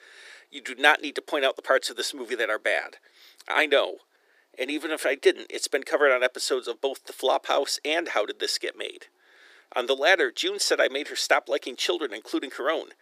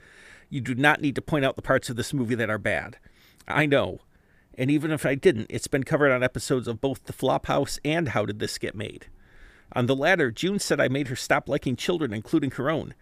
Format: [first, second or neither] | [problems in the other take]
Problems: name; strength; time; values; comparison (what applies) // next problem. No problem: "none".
second | thin; very; fading below 350 Hz